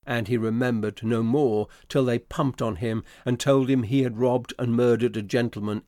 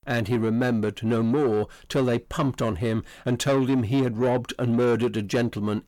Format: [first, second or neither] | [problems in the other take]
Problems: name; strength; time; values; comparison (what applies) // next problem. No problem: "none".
first | distortion; slight; 10 dB below the speech